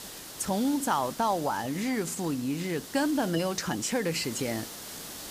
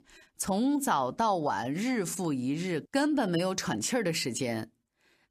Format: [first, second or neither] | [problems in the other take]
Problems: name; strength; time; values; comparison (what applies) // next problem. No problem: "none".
second | hiss; noticeable; throughout; 10 dB below the speech